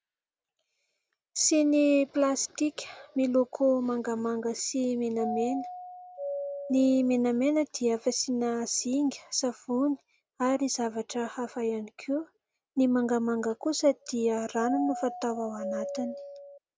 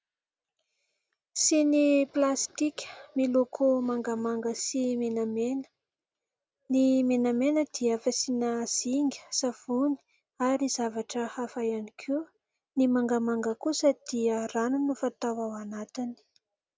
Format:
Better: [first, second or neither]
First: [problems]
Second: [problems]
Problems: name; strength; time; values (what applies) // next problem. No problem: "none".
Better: second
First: background sound (Doorbell); 8 dB below the speech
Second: none